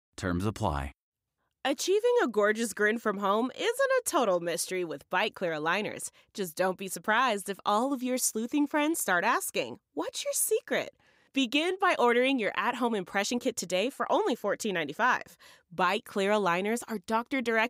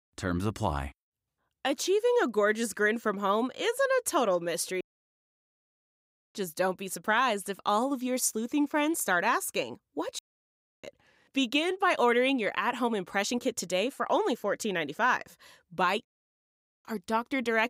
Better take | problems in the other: first | audio cutting out; at 5 s for 1.5 s, at 10 s for 0.5 s and at 16 s for 1 s

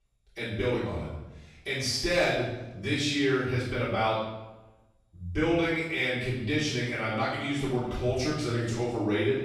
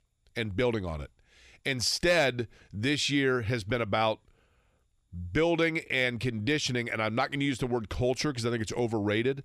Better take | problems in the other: second | off-mic speech; far // room echo; noticeable; dies away in 0.8 s

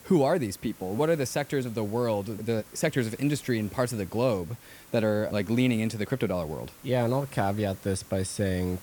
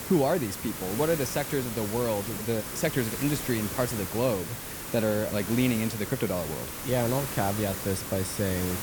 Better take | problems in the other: first | hiss; loud; throughout; 5 dB below the speech; faint in the first

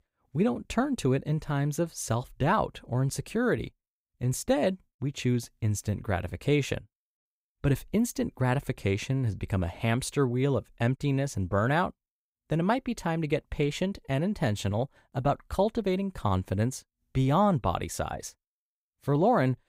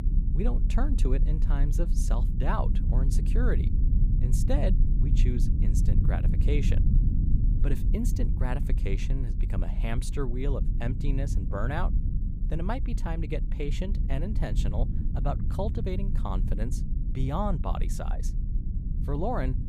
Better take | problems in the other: first | low rumble; loud; throughout; 7 dB below the speech

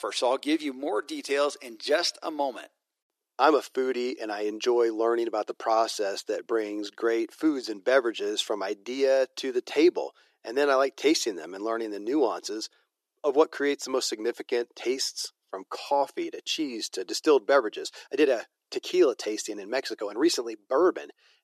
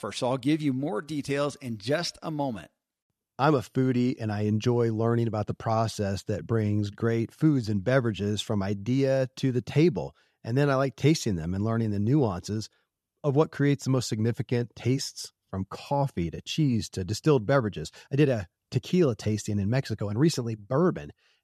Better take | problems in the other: second | thin; very; fading below 350 Hz

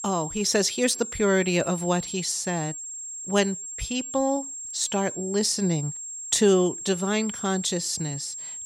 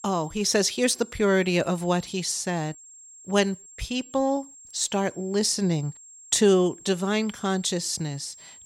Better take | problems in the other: second | high-pitched whine; loud; throughout; 7.5 kHz, 8 dB below the speech; faint in the second

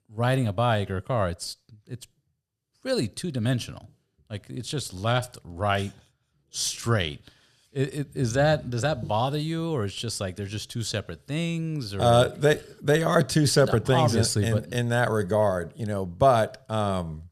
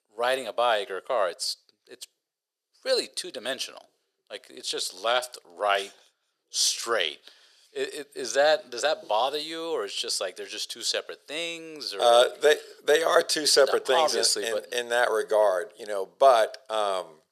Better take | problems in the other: first | thin; very; fading below 450 Hz

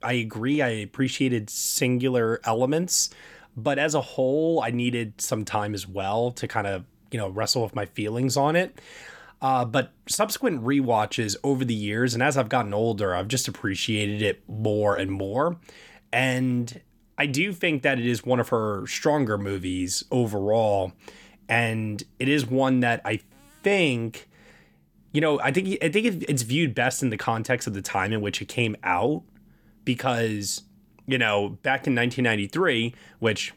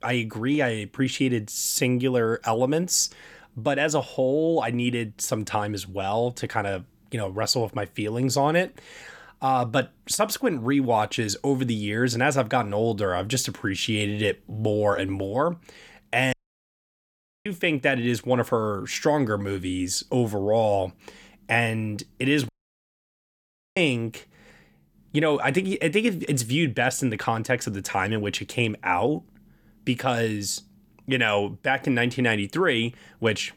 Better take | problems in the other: first | audio cutting out; at 16 s for 1 s and at 22 s for 1.5 s

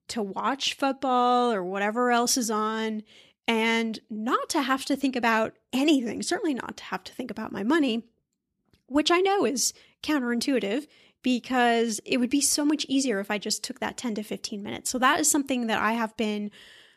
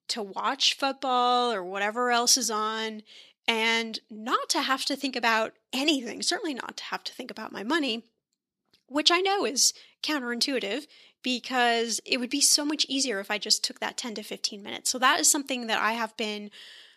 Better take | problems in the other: first | thin; very slightly; fading below 950 Hz

